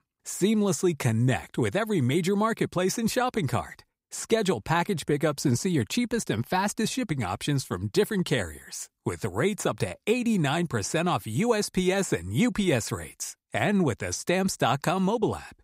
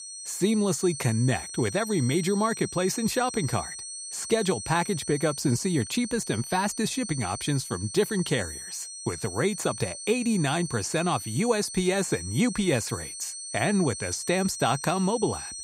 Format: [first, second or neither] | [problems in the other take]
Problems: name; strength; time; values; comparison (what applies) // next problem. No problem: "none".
first | high-pitched whine; loud; throughout; 8.5 kHz, 8 dB below the speech